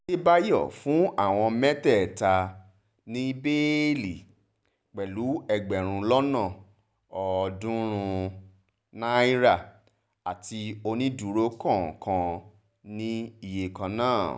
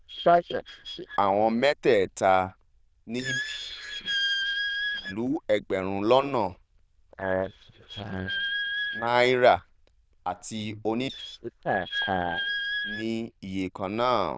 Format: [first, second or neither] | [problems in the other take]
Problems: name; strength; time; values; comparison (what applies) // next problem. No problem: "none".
first | noise reduction (neural diffusion model UNIVERSE++)